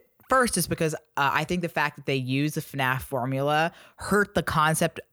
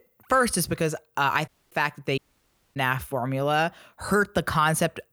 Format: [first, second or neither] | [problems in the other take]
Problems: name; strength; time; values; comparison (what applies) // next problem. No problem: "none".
first | audio cutting out; at 1.5 s and at 2 s for 0.5 s